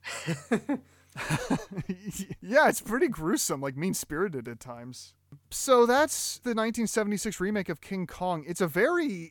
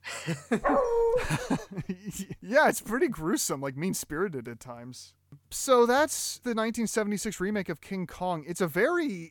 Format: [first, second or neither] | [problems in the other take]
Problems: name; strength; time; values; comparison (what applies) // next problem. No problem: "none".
first | dog barking; loud; at 0.5 s; peak 4 dB above the speech